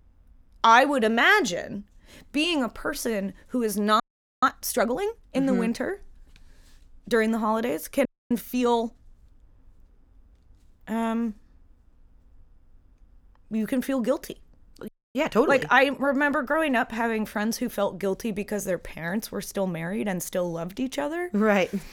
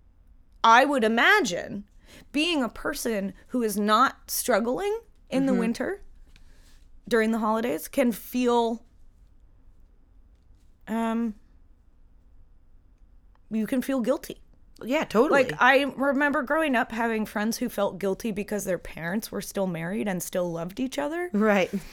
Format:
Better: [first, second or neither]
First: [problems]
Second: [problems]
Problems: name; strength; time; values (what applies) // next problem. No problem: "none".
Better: second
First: audio freezing; at 4 s, at 8 s and at 15 s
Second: none